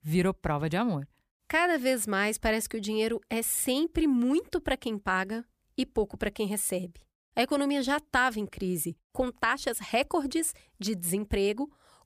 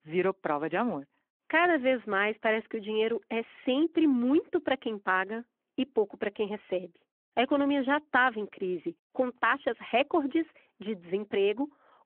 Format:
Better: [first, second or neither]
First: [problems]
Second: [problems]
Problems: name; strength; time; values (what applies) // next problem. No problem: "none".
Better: first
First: none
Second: phone-call audio